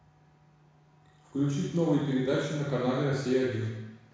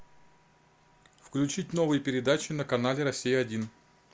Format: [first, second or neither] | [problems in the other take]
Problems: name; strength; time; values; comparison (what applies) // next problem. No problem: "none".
second | room echo; dies away in 1.1 s